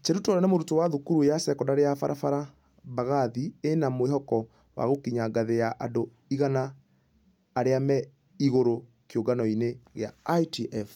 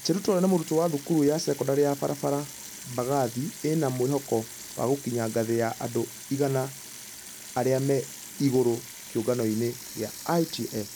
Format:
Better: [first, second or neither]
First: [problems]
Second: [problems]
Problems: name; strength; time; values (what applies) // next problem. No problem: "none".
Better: first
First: none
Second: background sound (Sink (filling or washing) / Water tap, faucet); 15 dB below the speech